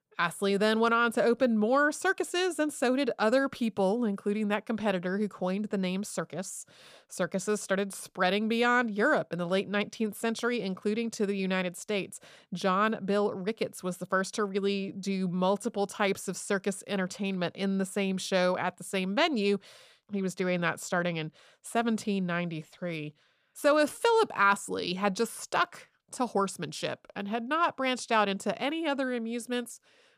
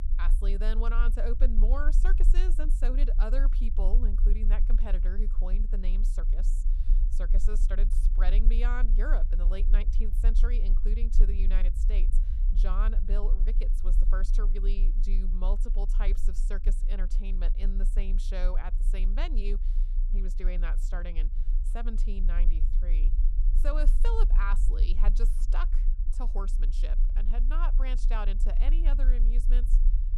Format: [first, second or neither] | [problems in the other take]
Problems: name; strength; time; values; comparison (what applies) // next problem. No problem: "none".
first | low rumble; noticeable; throughout; 10 dB below the speech